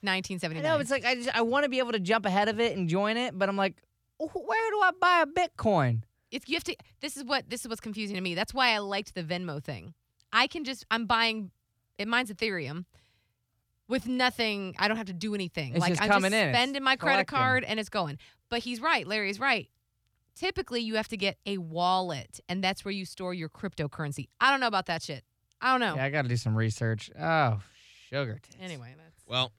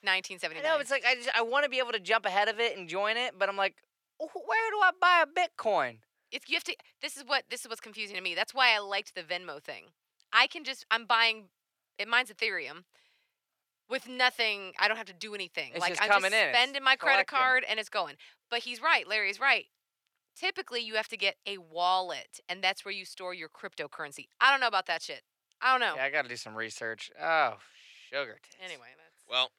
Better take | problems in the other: first | thin; very; fading below 550 Hz

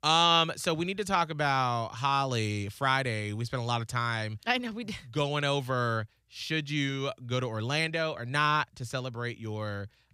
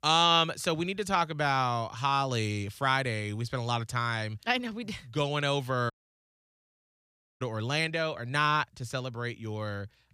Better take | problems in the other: first | audio cutting out; at 6 s for 1.5 s

